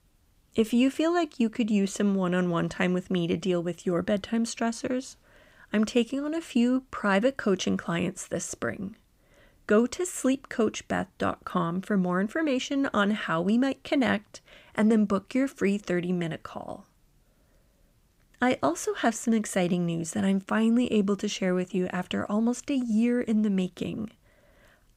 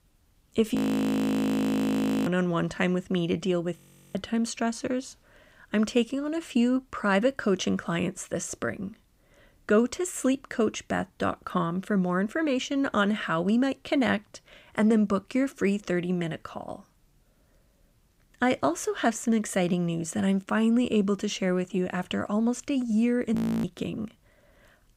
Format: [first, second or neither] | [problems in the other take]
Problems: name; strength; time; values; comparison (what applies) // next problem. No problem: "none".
first | audio freezing; at 1 s for 1.5 s, at 4 s and at 23 s